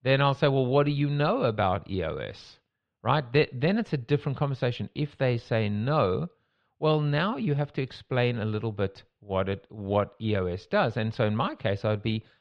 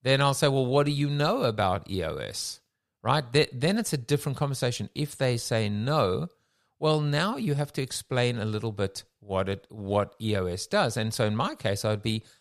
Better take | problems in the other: second | muffled; slightly; fading above 3 kHz

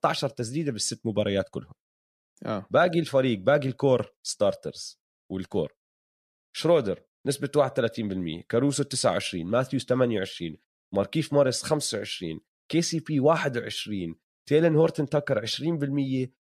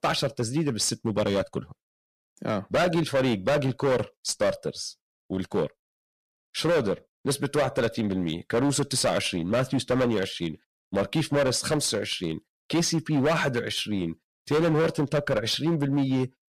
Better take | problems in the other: first | distortion; heavy; 12% of the sound clipped

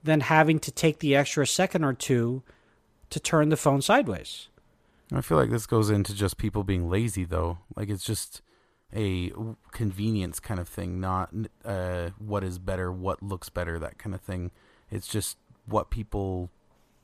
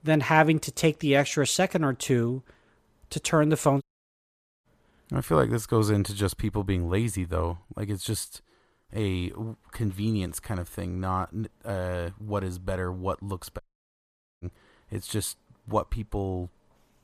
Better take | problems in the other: first | audio cutting out; at 4 s for 1 s and at 14 s for 1 s

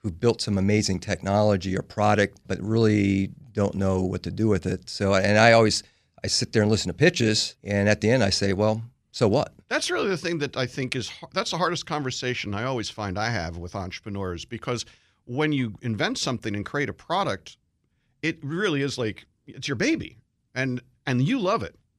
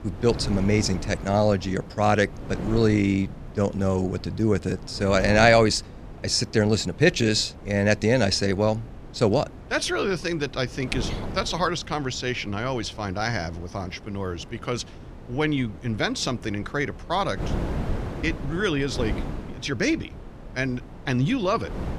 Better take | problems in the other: first | wind noise on the microphone; occasional gusts; 15 dB below the speech

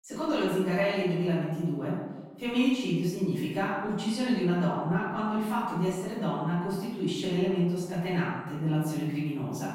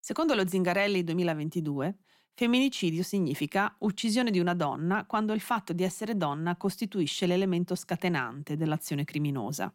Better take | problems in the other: second | room echo; strong; dies away in 1.1 s // off-mic speech; far

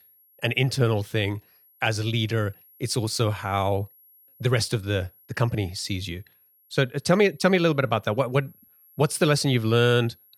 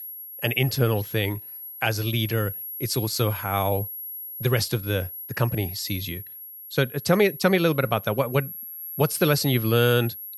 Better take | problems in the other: first | high-pitched whine; loud; throughout; 11.5 kHz, 10 dB below the speech; faint in the first

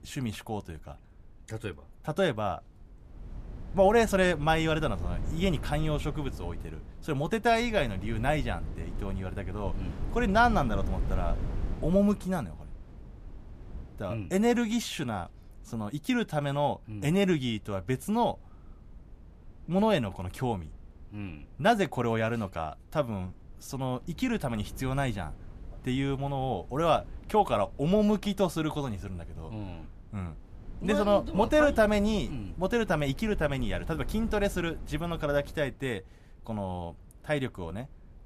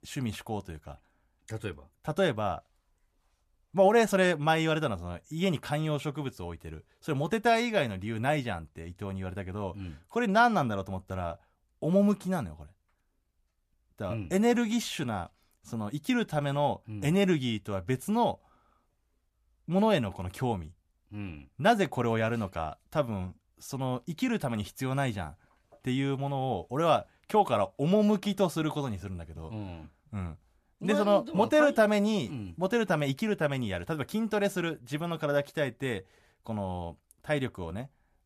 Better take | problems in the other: second | wind noise on the microphone; occasional gusts; 20 dB below the speech

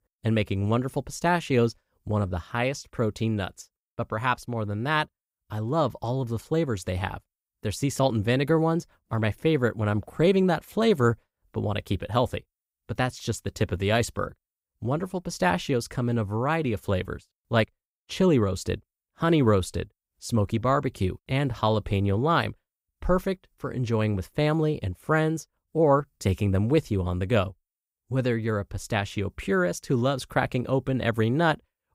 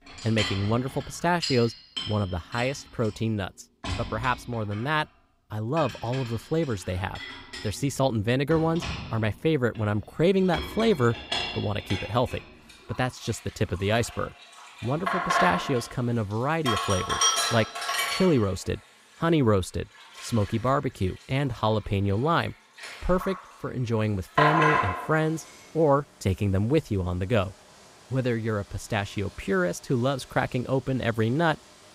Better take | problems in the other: first | household noises; loud; throughout; 3 dB below the speech

